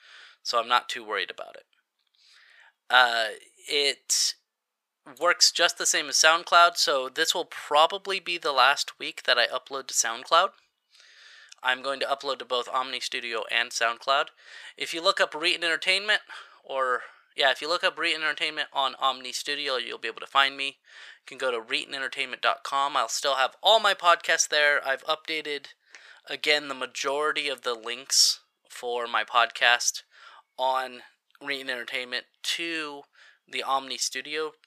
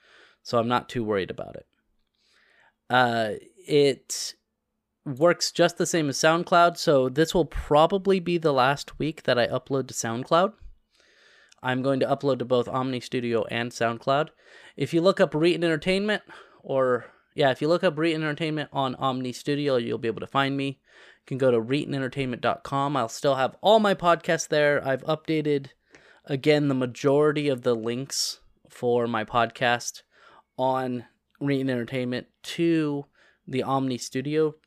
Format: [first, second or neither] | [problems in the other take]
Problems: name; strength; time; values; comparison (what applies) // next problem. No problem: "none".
second | thin; very; fading below 1 kHz